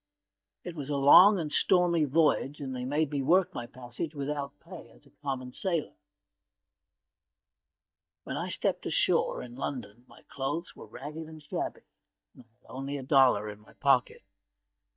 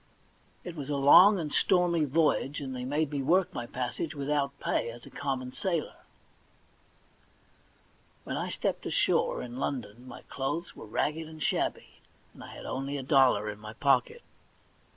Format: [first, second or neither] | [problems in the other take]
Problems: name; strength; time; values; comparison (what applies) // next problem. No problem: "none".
second | noise reduction (neural mask model DeepFilterNet 3)